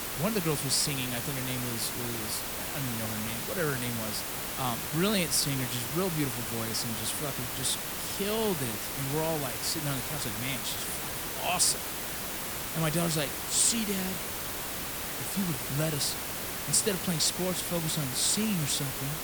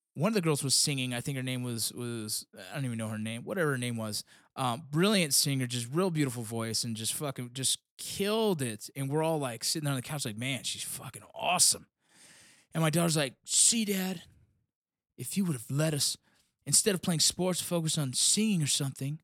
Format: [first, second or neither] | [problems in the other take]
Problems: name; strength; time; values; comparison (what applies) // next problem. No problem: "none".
second | hiss; loud; throughout; 2 dB below the speech